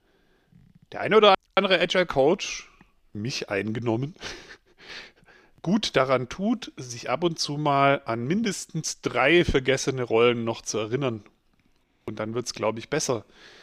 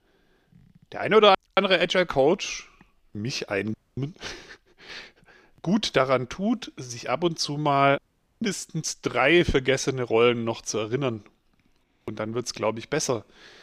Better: first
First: none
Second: audio cutting out; at 3.5 s and at 8 s

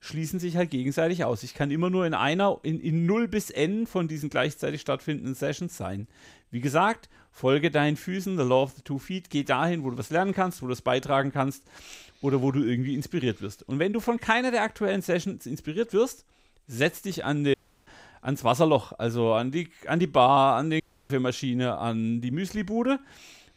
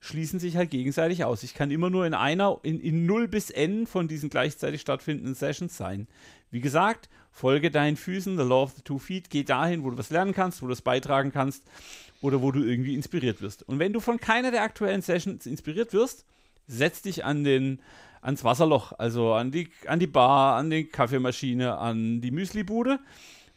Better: second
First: audio cutting out; at 18 s and at 21 s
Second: none

